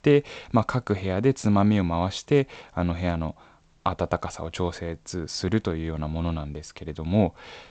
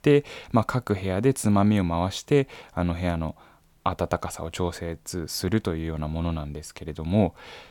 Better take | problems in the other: second | garbled, watery; slightly; nothing above 8 kHz

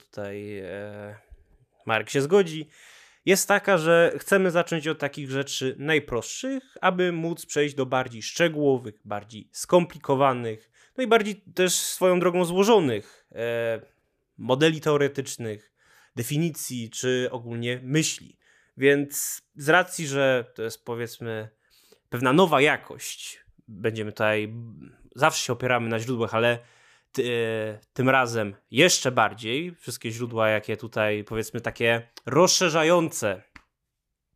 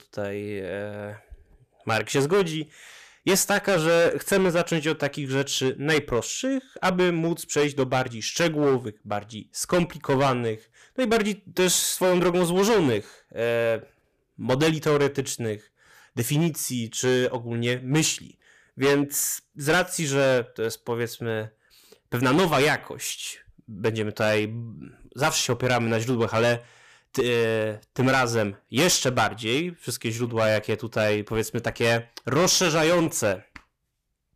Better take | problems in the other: first | distortion; heavy; 9% of the sound clipped

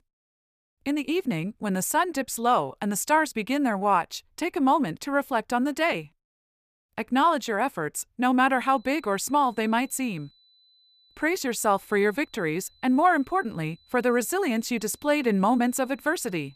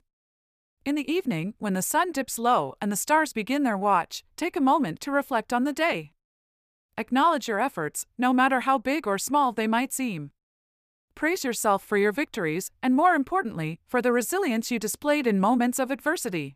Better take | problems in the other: second | high-pitched whine; faint; from 8.5 s on; 4 kHz, 35 dB below the speech

